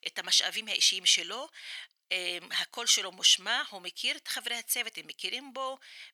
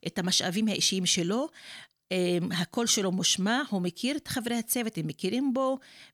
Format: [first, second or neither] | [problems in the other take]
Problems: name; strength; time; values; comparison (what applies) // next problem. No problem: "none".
second | thin; very; fading below 850 Hz